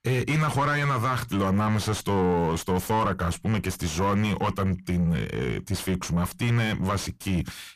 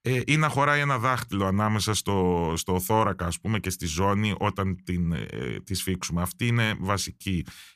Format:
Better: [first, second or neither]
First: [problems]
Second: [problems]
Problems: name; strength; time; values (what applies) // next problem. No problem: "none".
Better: second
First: distortion; heavy; 6 dB below the speech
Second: none